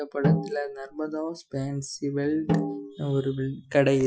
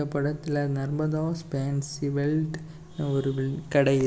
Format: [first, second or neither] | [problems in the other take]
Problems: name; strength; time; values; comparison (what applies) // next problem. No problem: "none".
second | noise reduction (classical method Wiener filter)